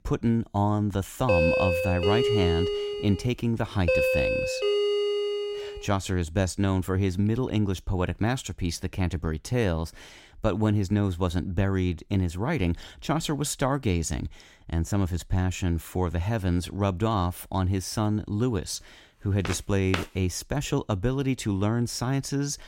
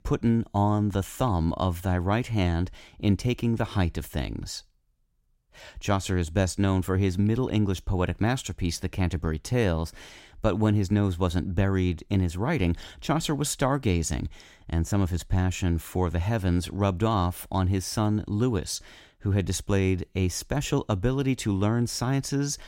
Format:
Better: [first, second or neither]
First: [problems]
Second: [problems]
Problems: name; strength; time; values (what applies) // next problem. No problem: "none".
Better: second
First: doorbell; loud; from 1.5 to 6 s; peak 5 dB above the speech // footsteps; noticeable; at 19 s; peak 5 dB below the speech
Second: none